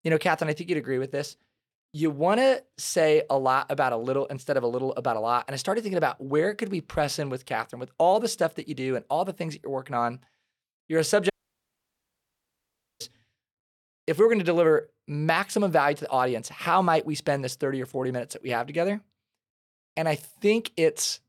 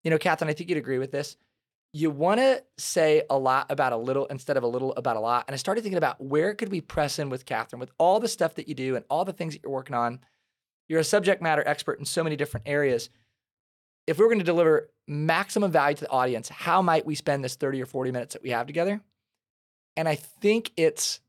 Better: second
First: audio cutting out; at 11 s for 1.5 s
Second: none

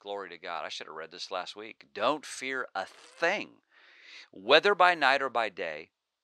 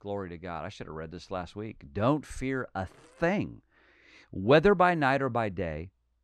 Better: second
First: thin; very; fading below 550 Hz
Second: none

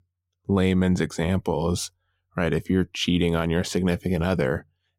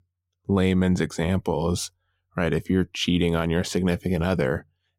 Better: neither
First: none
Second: none

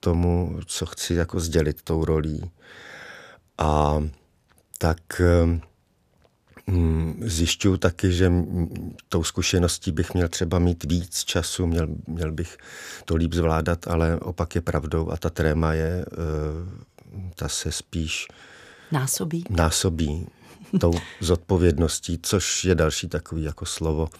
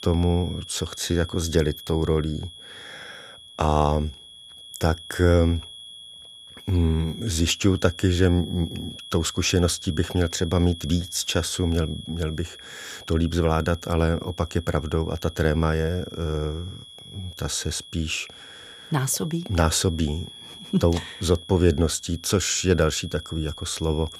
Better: first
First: none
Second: high-pitched whine; noticeable; throughout; 3.5 kHz, 15 dB below the speech

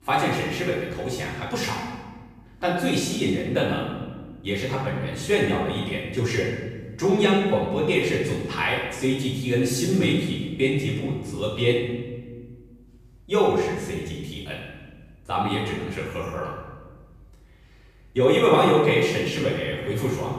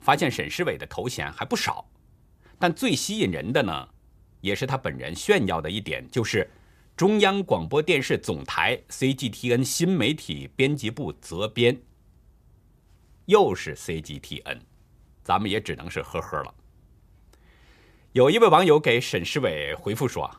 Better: second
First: off-mic speech; far // room echo; noticeable; dies away in 1.3 s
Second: none

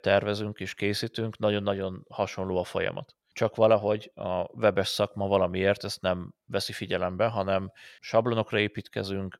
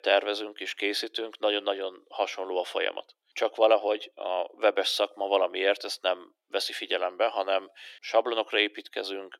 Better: first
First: none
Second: thin; very; fading below 300 Hz

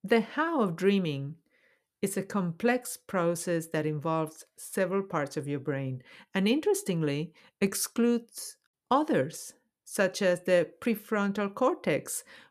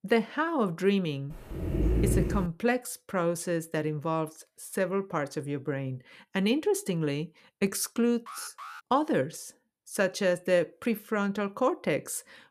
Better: first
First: none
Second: dog barking; loud; from 1.5 to 2.5 s; peak 3 dB above the speech // alarm; faint; at 8.5 s; peak 15 dB below the speech

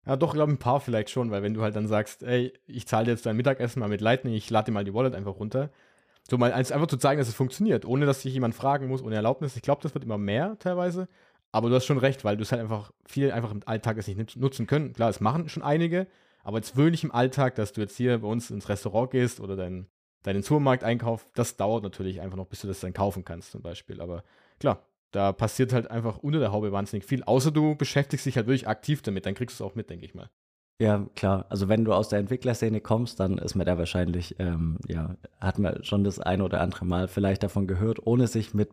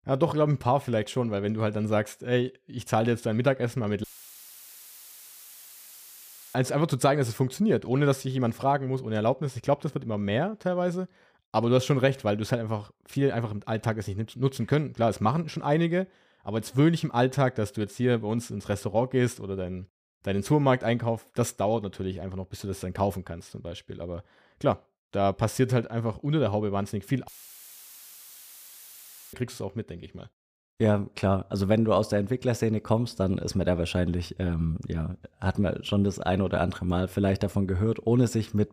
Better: first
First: none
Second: audio cutting out; filled with static; at 4 s for 2.5 s and at 27 s for 2 s

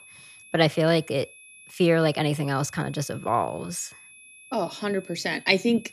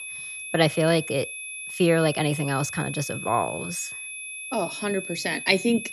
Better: first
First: high-pitched whine; faint; throughout; 2.5 kHz, 20 dB below the speech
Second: high-pitched whine; loud; throughout; 2.5 kHz, 8 dB below the speech

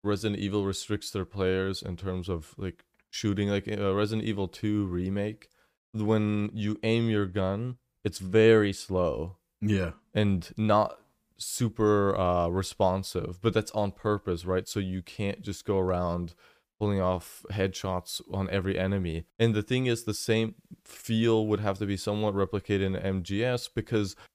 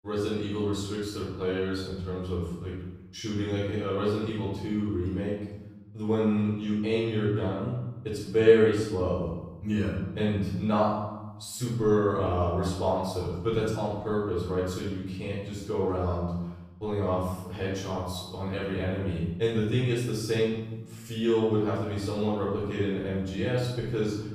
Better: first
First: none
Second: off-mic speech; far // room echo; noticeable; dies away in 1 s

